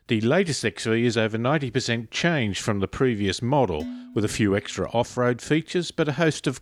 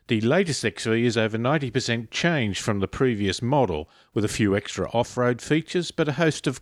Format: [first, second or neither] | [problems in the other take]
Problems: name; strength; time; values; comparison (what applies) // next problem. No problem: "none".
second | clattering dishes; faint; at 4 s; peak 15 dB below the speech